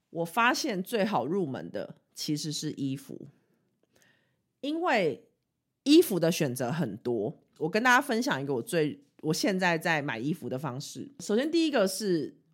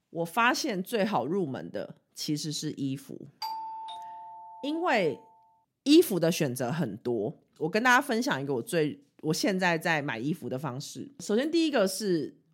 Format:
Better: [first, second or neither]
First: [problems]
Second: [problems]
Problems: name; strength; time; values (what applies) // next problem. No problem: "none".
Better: first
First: none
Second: doorbell; noticeable; from 3.5 to 5 s; peak 8 dB below the speech